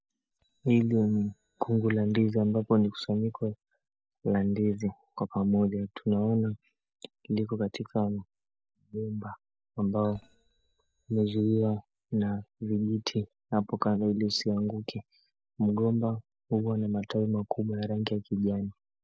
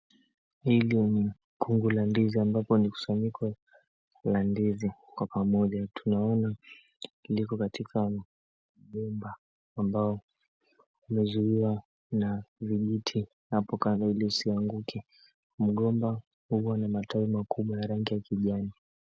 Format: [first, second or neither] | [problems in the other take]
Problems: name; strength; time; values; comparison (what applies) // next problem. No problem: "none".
second | noise reduction (neural mask model DeepFilterNet 3)